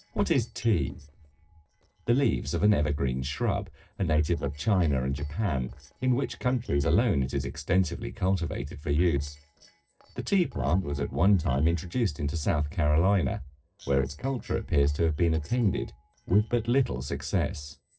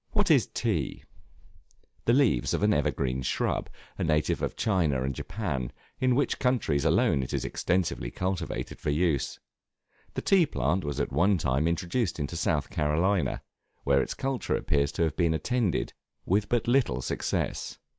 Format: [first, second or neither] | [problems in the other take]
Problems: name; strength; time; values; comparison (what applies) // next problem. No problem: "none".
second | noise reduction (neural separator model SepFormer DNS4)